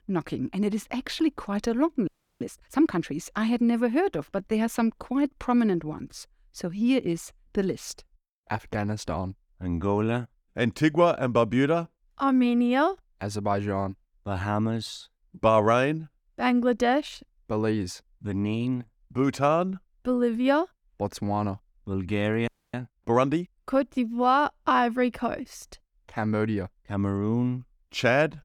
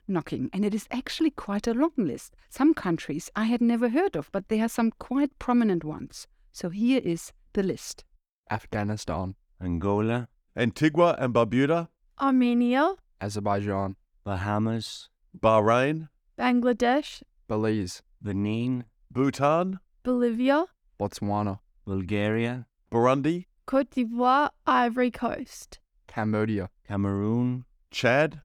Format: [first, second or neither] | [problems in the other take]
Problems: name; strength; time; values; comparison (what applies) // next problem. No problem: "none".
second | audio freezing; at 2 s and at 22 s